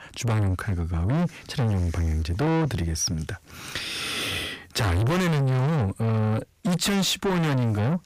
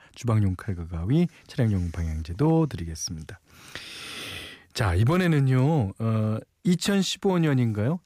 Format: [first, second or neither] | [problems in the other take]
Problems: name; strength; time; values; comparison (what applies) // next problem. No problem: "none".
second | distortion; heavy; 6 dB below the speech